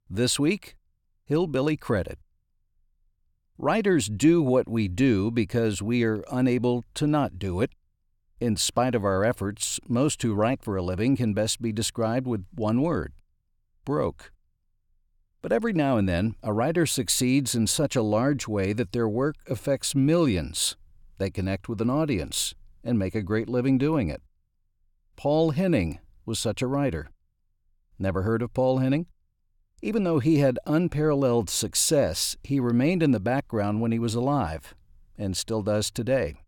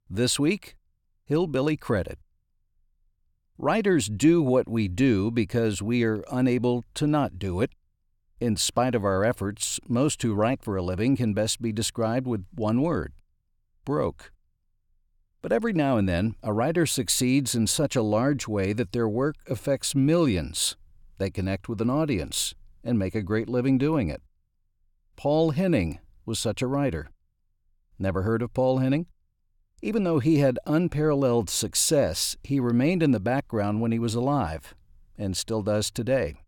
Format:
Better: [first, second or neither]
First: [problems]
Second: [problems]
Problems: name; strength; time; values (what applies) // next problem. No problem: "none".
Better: neither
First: none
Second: none